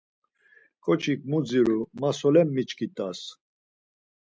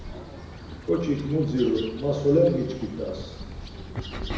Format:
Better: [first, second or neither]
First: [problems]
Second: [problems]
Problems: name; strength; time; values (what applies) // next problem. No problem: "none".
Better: first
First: none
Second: background sound (Bird vocalization, bird call, bird song); 10 dB below the speech // room echo; dies away in 1 s